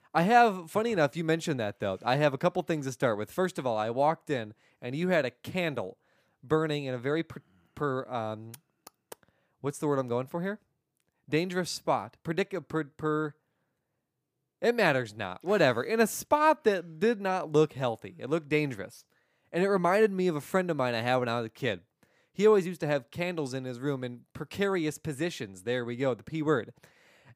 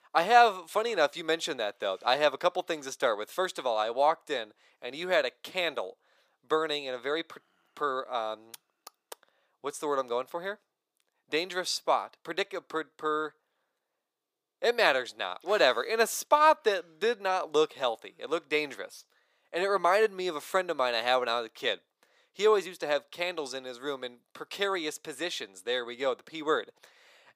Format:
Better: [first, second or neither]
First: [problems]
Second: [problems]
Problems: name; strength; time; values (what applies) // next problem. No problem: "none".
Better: first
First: none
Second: thin; very; fading below 550 Hz